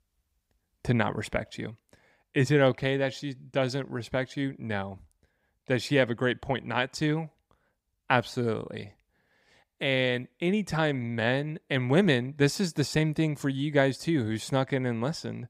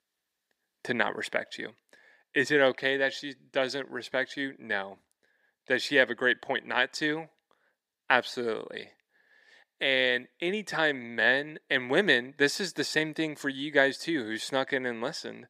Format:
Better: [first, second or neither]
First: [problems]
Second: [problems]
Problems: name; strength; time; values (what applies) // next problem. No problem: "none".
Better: first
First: none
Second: thin; somewhat; fading below 350 Hz